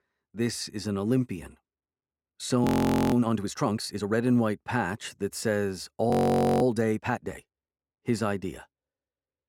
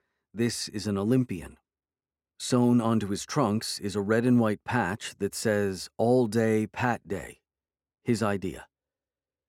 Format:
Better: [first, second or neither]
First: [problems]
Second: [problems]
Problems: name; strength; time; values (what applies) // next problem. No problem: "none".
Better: second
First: audio freezing; at 2.5 s and at 6 s for 0.5 s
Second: none